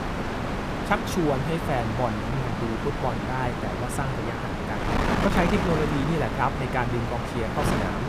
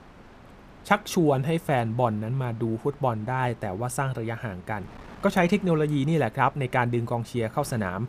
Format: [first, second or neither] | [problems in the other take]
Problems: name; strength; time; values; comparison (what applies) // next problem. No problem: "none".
second | wind noise on the microphone; heavy; as loud as the speech; occasional gusts in the second